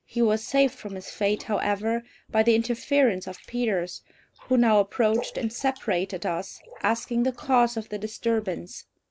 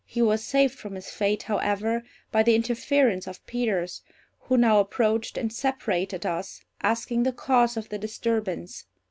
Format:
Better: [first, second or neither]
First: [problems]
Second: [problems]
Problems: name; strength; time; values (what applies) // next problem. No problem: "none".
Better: second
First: noise reduction (neural mask model Resemble Enhance denoiser)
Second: none